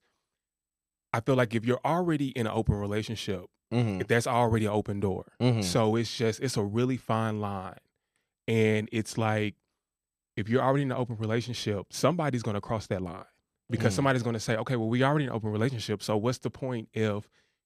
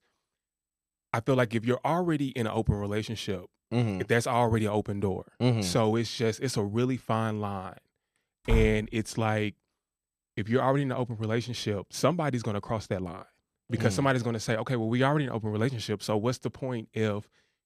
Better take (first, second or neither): first